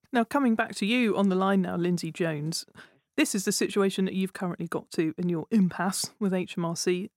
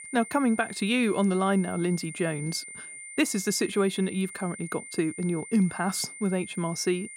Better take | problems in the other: first | high-pitched whine; noticeable; throughout; 2 kHz, 10 dB below the speech

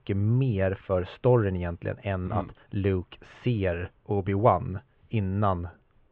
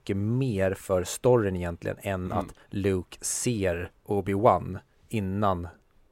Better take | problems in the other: second | muffled; very; fading above 3 kHz

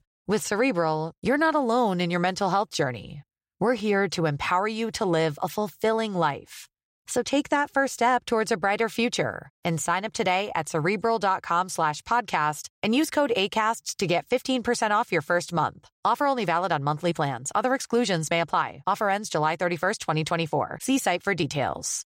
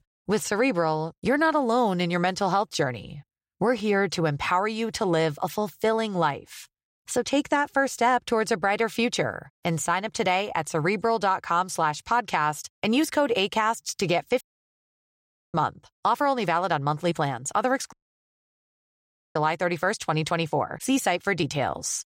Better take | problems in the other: first | audio cutting out; at 14 s for 1 s and at 18 s for 1.5 s

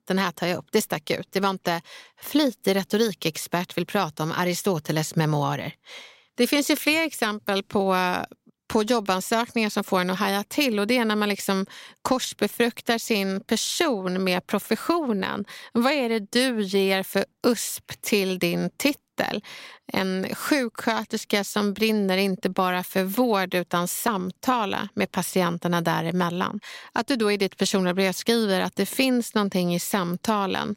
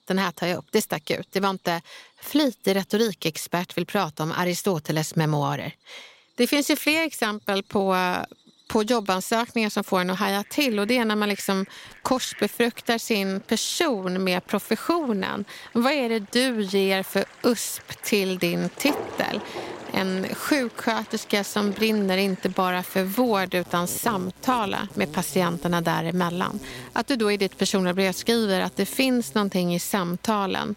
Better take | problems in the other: first | animal sounds; noticeable; throughout; 20 dB below the speech

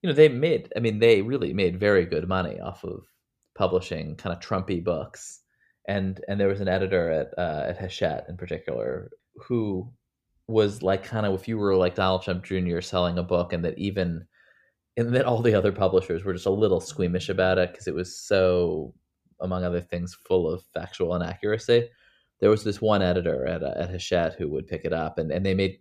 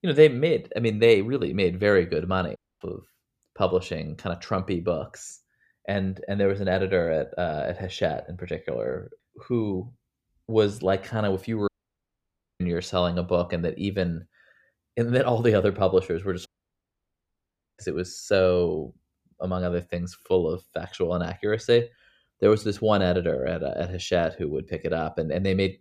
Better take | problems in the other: first | audio cutting out; at 2.5 s, at 12 s for 1 s and at 16 s for 1.5 s

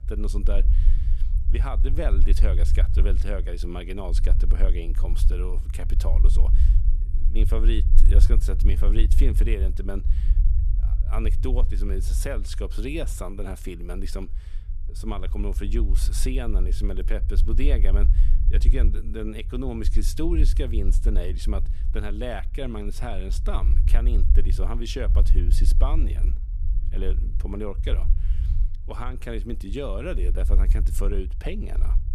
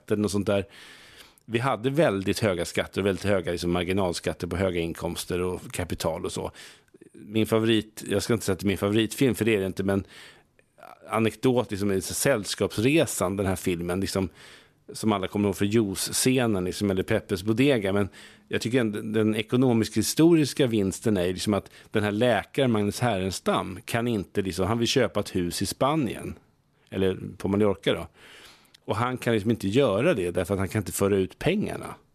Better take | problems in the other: second | low rumble; noticeable; throughout; 10 dB below the speech

